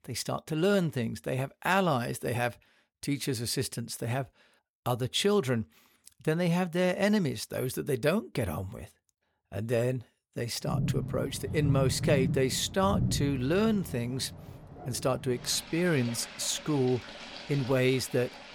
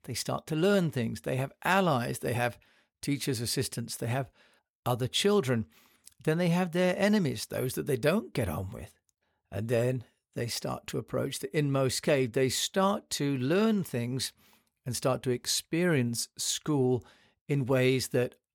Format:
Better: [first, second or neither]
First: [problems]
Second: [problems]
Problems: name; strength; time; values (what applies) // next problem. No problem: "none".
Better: second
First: rain or running water; loud; from 11 s on; 6 dB below the speech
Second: none